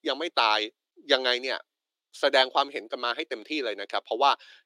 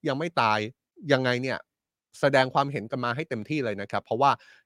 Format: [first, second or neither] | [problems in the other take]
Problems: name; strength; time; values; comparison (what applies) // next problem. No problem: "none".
second | thin; somewhat; fading below 300 Hz